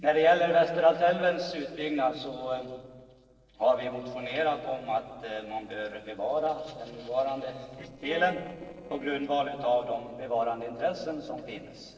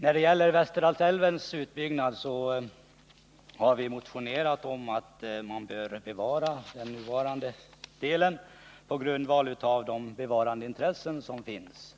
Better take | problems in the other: second | noise reduction (neural separator model SepFormer DNS4)

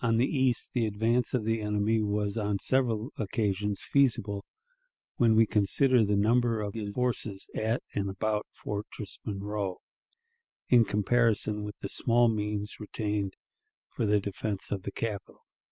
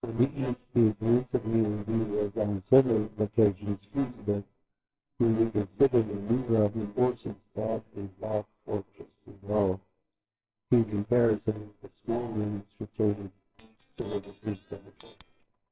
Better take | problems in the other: first | noise reduction (neural separator model SepFormer WHAMR!)

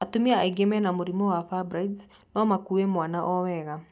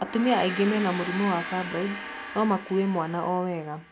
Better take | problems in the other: first | background sound (Gong); 10 dB below the speech

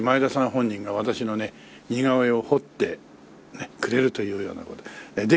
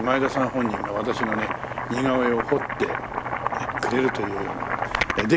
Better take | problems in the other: first | background sound (Boiling); 2 dB below the speech

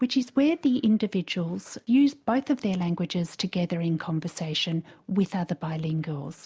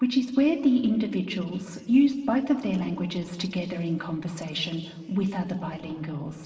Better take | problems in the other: first | room echo; dies away in 2.1 s

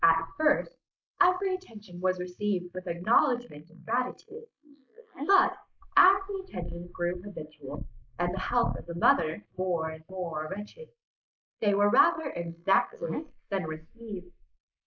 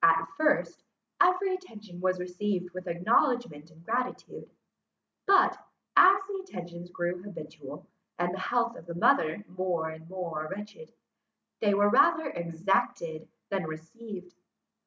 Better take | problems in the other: second | noise reduction (neural mask model Resemble Enhance denoiser)

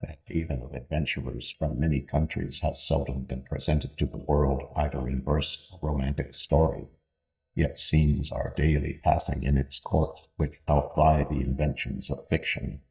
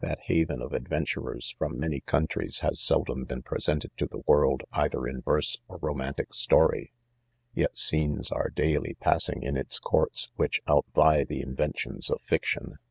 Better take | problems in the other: second | noise reduction (neural mask model DeepFilterNet 3)

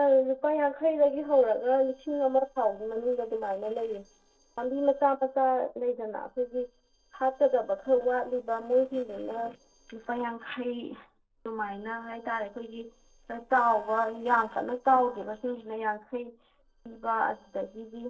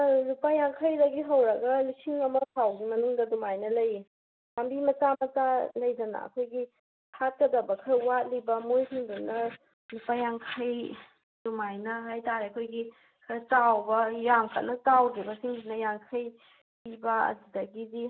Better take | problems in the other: second | noise reduction (neural separator model SepFormer DNS4)

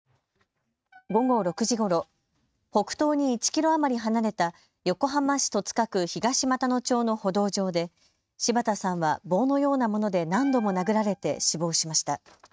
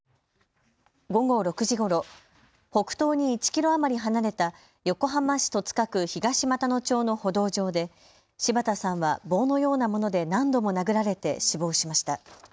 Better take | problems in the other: second | noise reduction (neural mask model RNNoise)

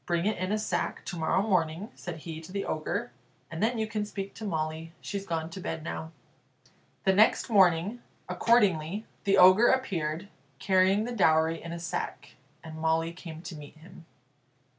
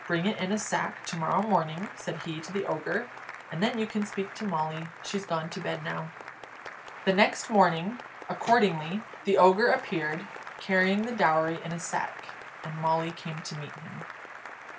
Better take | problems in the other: first | background sound (Applause / Cheering); 14 dB below the speech

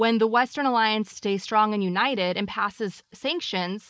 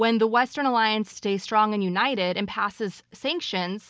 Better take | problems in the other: second | noise reduction (neural mask model Resemble Enhance denoiser)

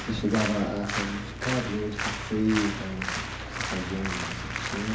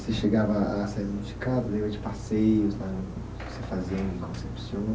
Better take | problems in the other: second | background sound (Applause); 5 dB below the speech

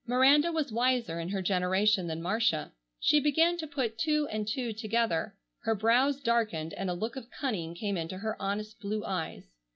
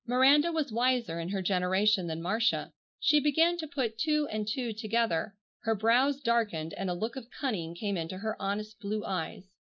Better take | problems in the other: first | noise reduction (neural mask model Resemble Enhance denoiser)

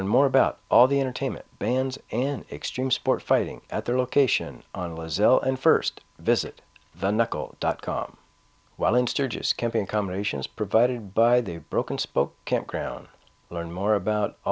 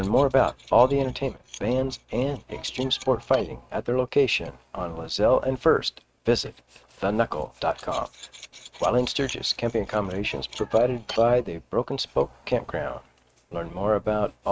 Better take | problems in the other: first | noise reduction (neural mask model RNNoise)

